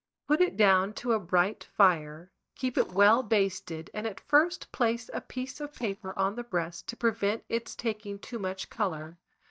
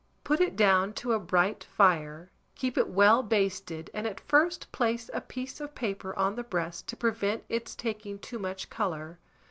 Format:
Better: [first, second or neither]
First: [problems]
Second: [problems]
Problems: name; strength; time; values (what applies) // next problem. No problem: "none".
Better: second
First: noise reduction (neural mask model DeepFilterNet 3)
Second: none